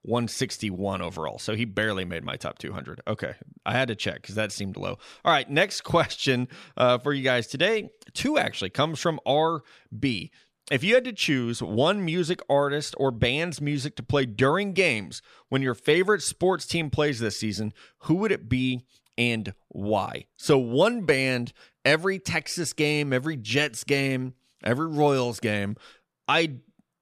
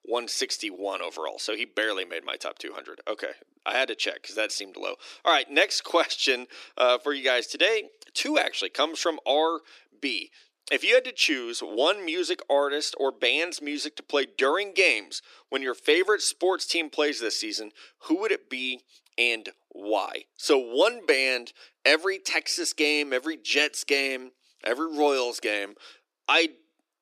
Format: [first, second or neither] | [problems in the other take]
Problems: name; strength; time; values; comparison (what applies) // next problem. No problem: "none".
first | thin; somewhat; fading below 300 Hz